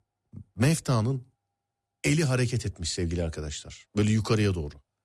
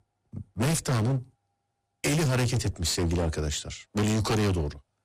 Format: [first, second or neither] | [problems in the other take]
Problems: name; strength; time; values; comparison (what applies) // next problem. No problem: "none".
first | distortion; heavy; 23% of the sound clipped